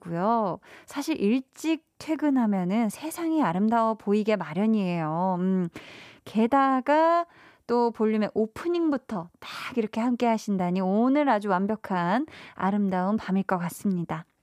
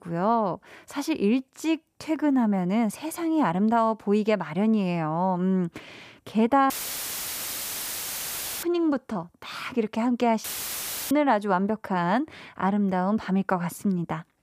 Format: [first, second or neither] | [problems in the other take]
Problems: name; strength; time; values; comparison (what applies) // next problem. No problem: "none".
first | audio cutting out; filled with static; at 6.5 s for 2 s and at 10 s for 0.5 s